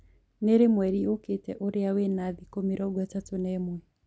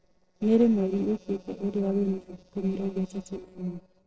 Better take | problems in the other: first | noise reduction (neural separator model SepFormer DNS4)

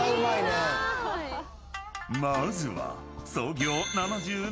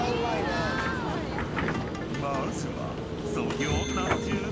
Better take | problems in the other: first | background sound (Piano + Subway, metro, underground); 2 dB above the speech

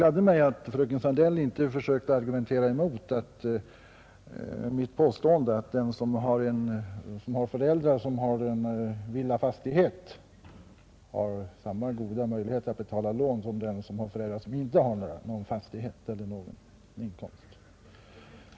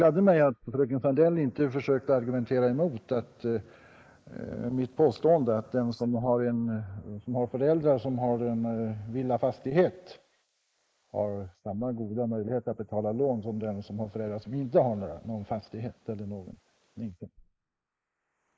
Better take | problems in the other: first | noise reduction (neural mask model Resemble Enhance denoiser)

